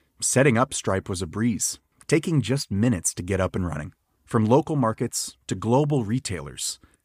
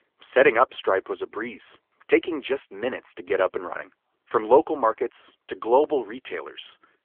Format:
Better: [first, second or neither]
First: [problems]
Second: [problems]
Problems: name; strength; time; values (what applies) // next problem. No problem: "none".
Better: first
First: none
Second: phone-call audio; nothing above 3.5 kHz